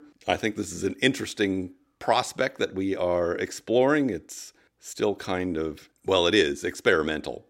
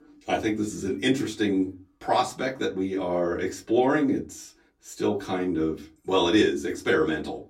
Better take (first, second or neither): first